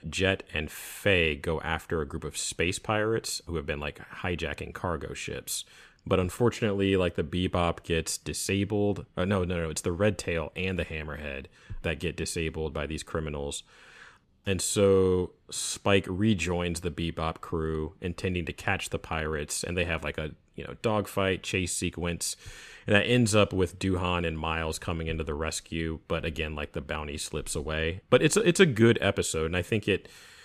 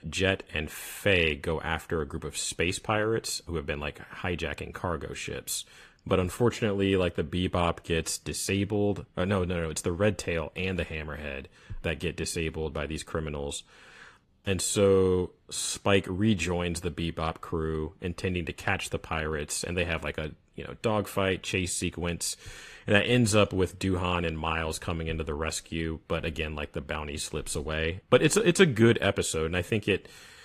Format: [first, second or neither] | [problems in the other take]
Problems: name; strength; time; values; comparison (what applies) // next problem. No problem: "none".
first | garbled, watery; slightly; nothing above 14.5 kHz